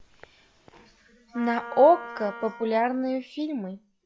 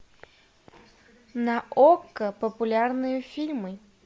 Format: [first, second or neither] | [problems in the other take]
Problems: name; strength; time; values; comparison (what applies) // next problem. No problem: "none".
second | noise reduction (classical method log-MMSE)